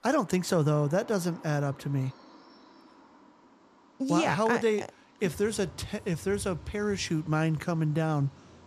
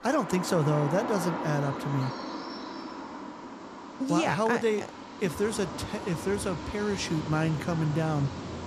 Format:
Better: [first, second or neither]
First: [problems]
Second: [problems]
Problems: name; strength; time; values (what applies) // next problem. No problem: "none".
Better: first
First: animal sounds; faint; throughout; 25 dB below the speech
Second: animal sounds; loud; throughout; 8 dB below the speech